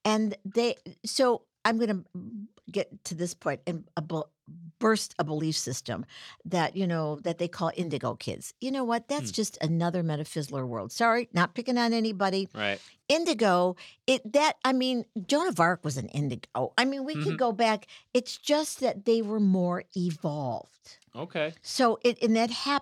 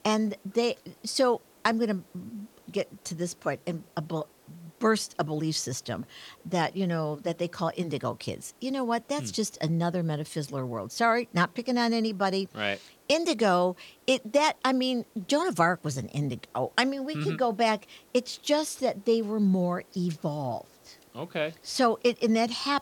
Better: first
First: none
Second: hiss; faint; throughout; 30 dB below the speech

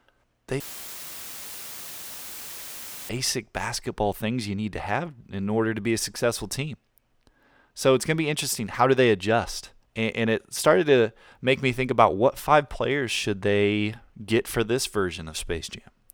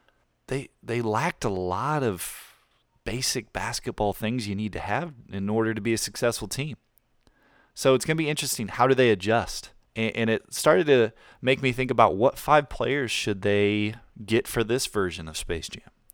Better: second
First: audio cutting out; filled with static; at 0.5 s for 2.5 s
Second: none

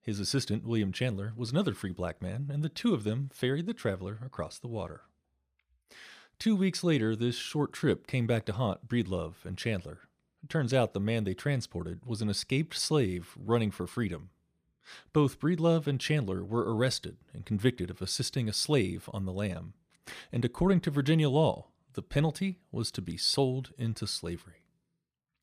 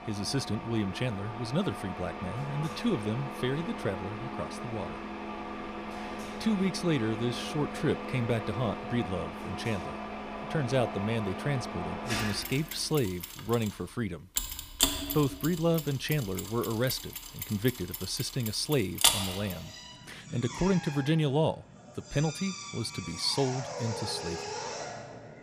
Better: first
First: none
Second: machinery noise; loud; throughout; 4 dB below the speech

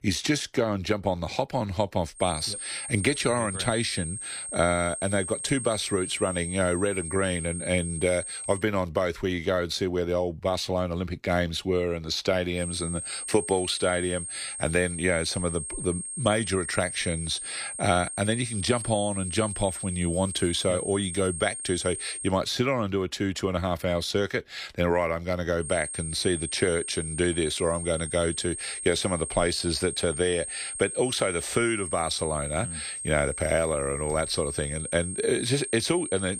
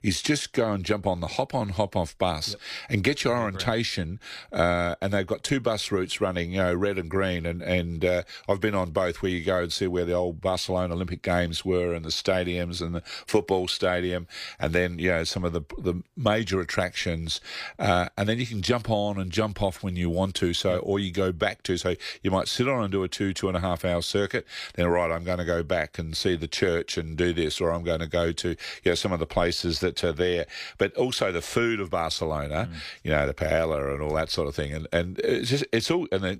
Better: second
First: high-pitched whine; loud; from 2 to 8.5 s, from 13 to 22 s and from 26 s on; 8.5 kHz, 6 dB below the speech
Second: none

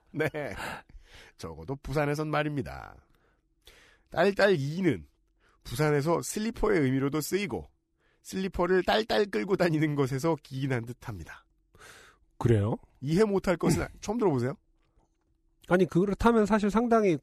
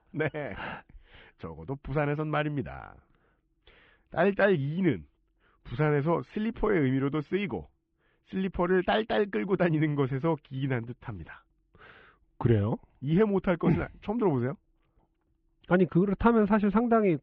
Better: first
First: none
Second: muffled; very; fading above 3 kHz

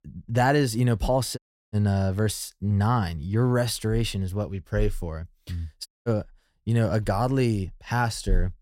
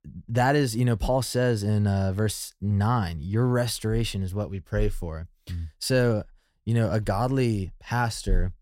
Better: second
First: audio cutting out; at 1.5 s and at 6 s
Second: none

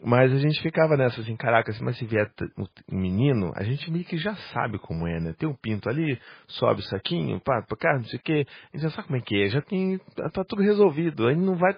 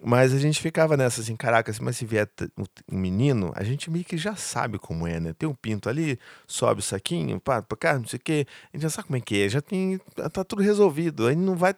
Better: second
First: garbled, watery; badly; nothing above 4.5 kHz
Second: none

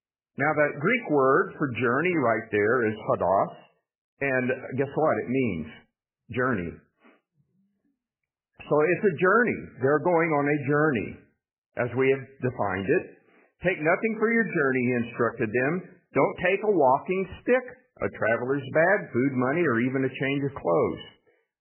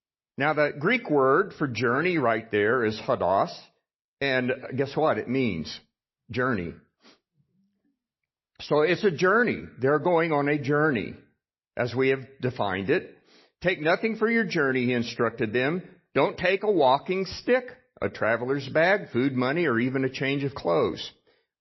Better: second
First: garbled, watery; badly; nothing above 2.5 kHz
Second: garbled, watery; slightly; nothing above 5.5 kHz

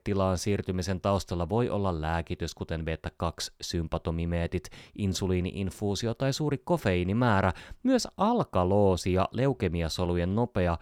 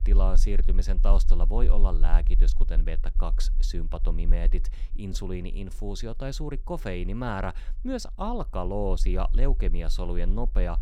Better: first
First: none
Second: low rumble; noticeable; throughout; 20 dB below the speech

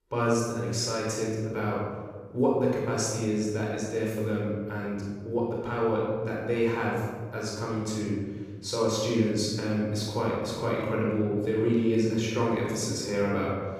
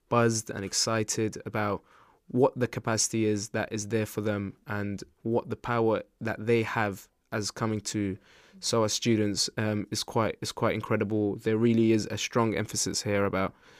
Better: second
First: room echo; strong; dies away in 1.6 s // off-mic speech; far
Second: none

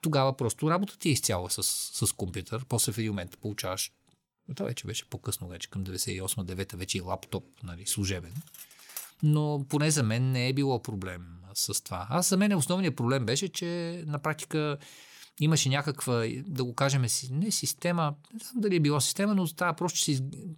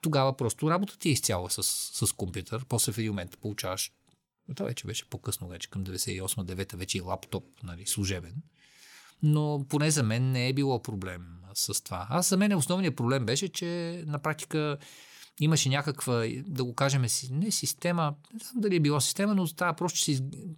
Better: second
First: clattering dishes; faint; at 8.5 s; peak 10 dB below the speech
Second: none

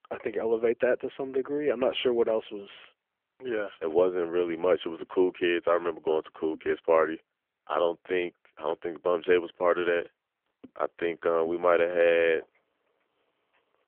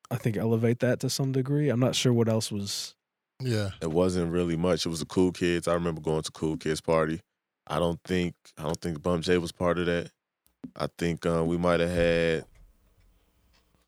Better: second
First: phone-call audio; nothing above 3.5 kHz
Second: none

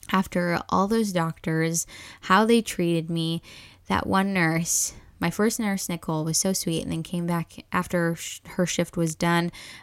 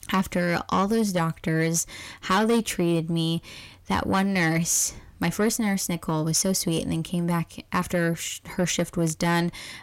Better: first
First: none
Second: distortion; slight; 10 dB below the speech

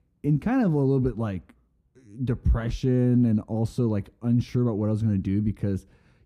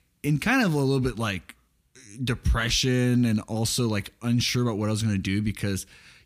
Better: second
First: muffled; very; fading above 1.5 kHz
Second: none

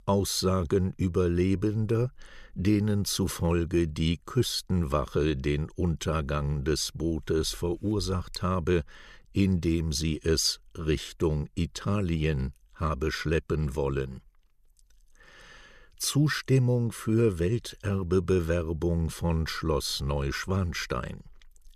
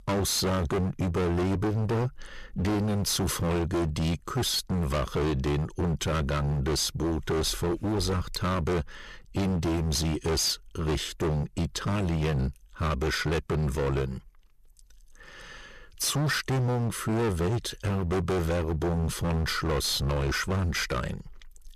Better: first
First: none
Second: distortion; heavy; 28% of the sound clipped

